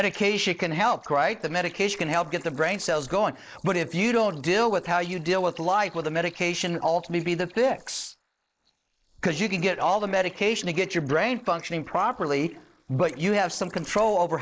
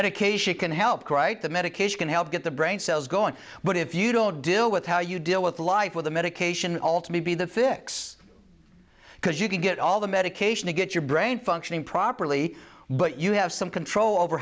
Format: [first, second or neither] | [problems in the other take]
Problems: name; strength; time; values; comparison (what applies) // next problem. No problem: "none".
second | noise reduction (neural mask model Resemble Enhance denoiser)